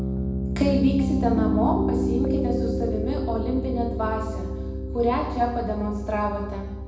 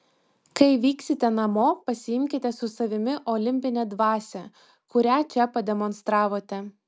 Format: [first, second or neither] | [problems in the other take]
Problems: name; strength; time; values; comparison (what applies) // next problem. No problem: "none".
second | background sound (Piano); 1 dB above the speech // room echo; dies away in 0.9 s